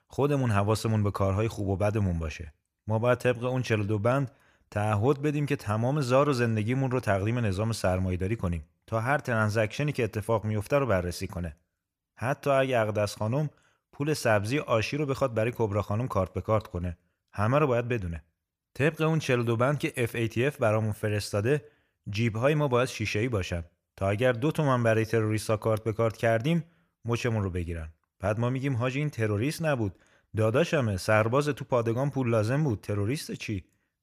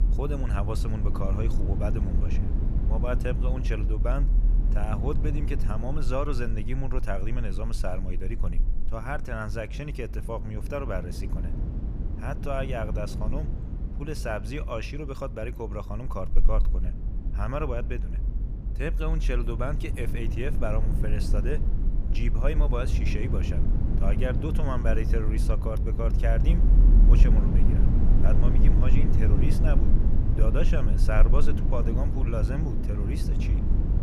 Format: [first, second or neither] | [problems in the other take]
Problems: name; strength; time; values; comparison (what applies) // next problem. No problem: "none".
first | low rumble; loud; throughout; 6 dB below the speech